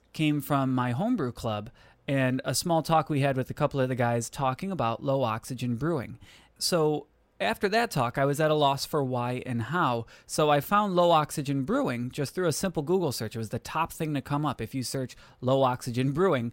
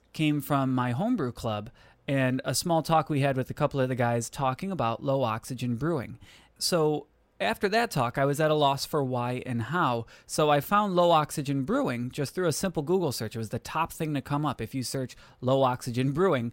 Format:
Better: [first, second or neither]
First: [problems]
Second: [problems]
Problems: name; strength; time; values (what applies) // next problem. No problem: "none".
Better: neither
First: none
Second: none